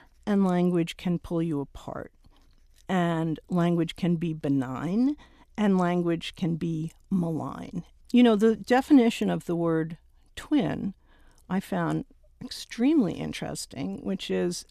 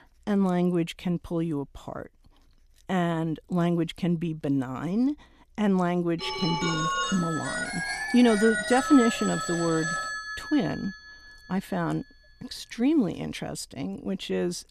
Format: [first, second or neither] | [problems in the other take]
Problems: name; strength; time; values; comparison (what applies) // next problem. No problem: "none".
first | phone ringing; noticeable; from 6 to 11 s; peak level with the speech